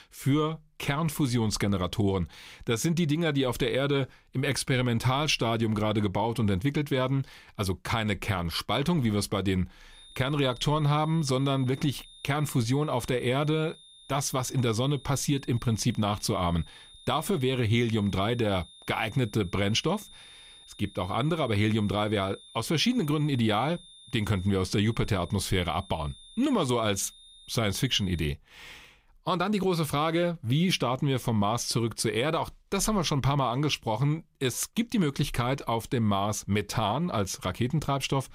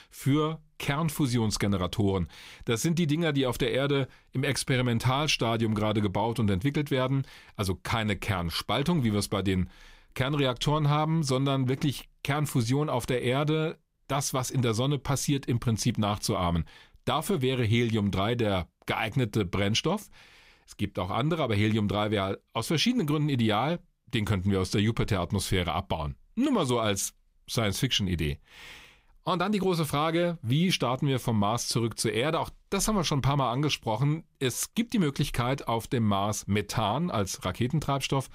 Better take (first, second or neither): second